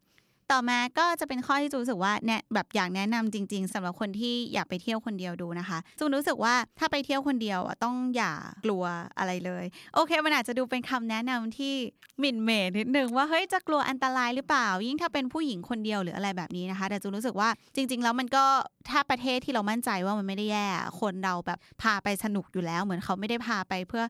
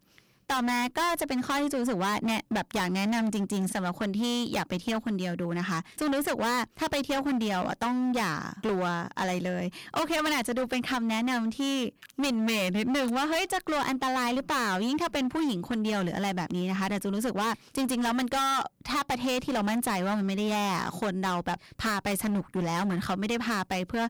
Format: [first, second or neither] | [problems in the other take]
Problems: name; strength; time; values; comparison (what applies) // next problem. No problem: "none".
first | distortion; heavy; 24% of the sound clipped